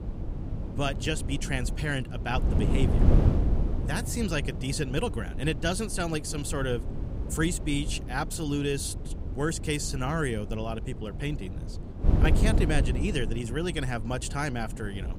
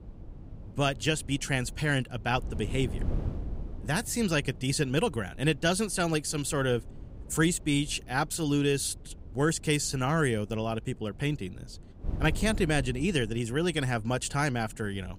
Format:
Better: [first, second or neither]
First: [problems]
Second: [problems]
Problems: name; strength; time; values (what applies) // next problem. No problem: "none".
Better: second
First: wind noise on the microphone; heavy; 9 dB below the speech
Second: wind noise on the microphone; occasional gusts; 20 dB below the speech